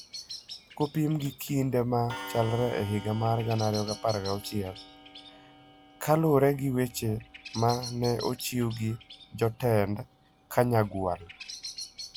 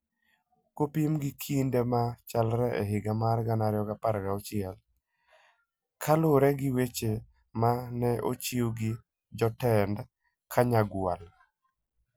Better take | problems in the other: second | background sound (Bird vocalization, bird call, bird song + Clock); 15 dB below the speech

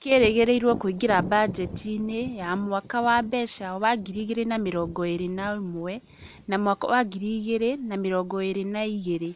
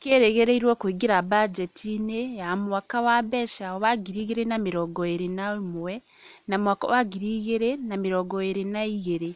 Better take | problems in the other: second | background sound (Thunder); 17 dB below the speech

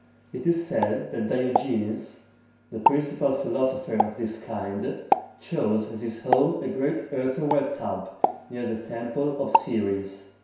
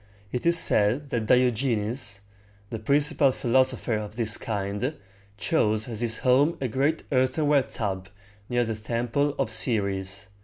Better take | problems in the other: second | background sound (Explosion); 3 dB below the speech // room echo; dies away in 0.7 s

